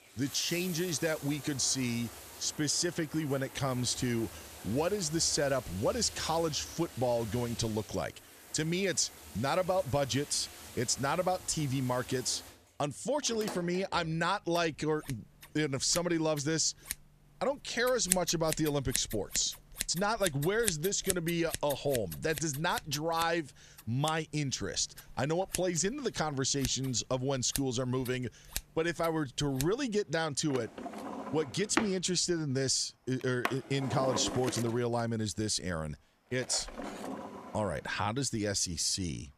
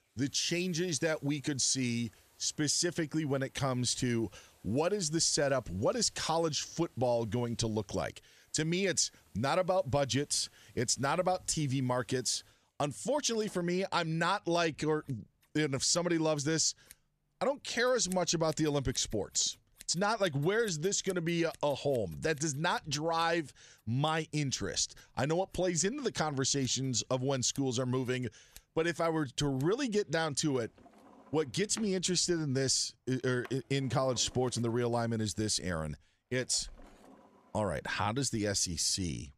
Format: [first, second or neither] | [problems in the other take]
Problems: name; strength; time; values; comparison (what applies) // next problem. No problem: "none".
second | household noises; loud; throughout; 10 dB below the speech; faint in the second